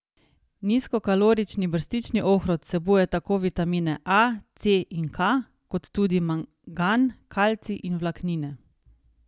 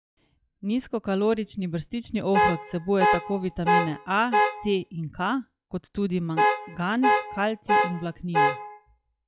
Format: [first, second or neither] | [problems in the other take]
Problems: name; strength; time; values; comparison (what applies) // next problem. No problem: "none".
first | noise reduction (classical method log-MMSE)